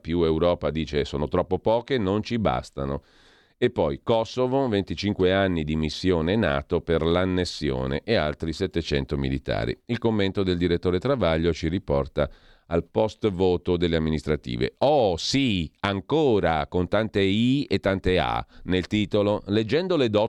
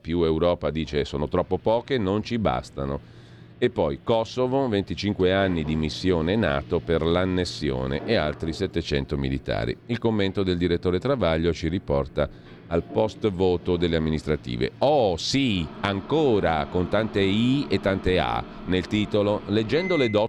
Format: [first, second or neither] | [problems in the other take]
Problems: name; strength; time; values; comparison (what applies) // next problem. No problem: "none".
first | household noises; noticeable; throughout; 15 dB below the speech